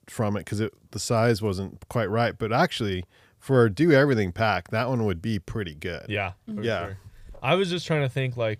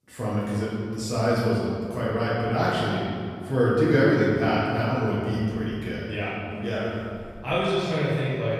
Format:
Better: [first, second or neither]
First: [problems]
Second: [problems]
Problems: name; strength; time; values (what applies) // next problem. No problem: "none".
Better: first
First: none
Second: off-mic speech; far // room echo; strong; dies away in 2 s